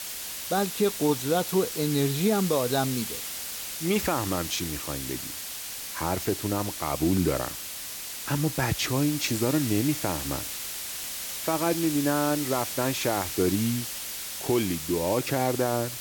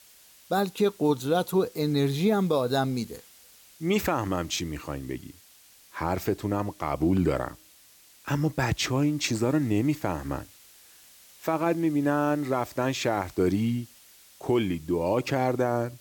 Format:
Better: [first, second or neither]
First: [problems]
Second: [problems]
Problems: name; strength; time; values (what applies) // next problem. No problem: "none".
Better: second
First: hiss; loud; throughout; 5 dB below the speech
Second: hiss; faint; throughout; 25 dB below the speech